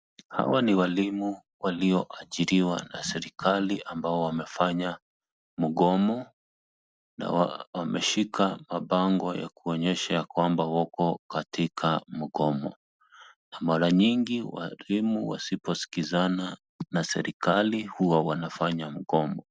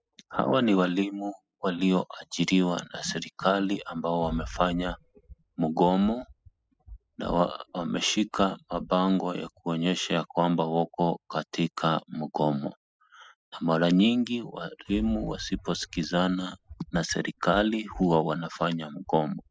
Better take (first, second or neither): first